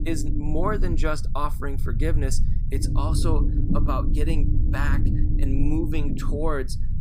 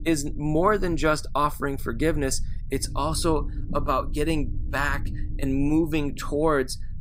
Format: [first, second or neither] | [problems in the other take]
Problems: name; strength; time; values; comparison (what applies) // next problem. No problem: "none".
second | low rumble; loud; throughout; 7 dB below the speech; faint in the second